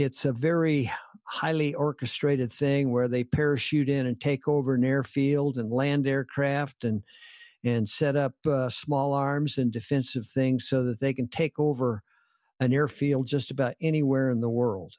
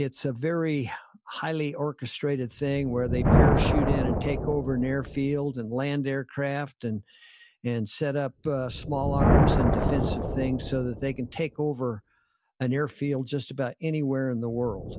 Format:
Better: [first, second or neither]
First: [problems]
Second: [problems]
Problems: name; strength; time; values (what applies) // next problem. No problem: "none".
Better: first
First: none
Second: background sound (Thunder); as loud as the speech